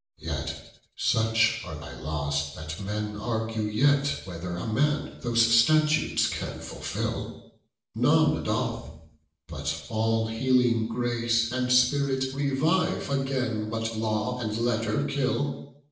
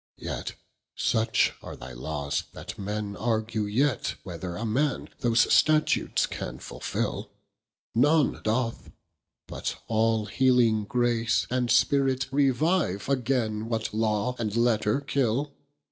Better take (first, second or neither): second